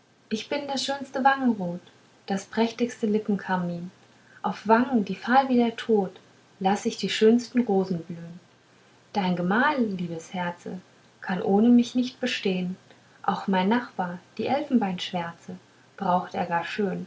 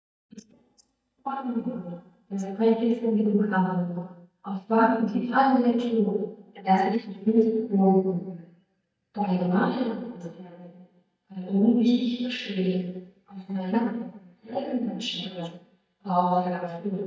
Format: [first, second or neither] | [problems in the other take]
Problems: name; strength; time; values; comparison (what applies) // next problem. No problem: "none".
first | noise reduction (neural mask model DeepFilterNet 3)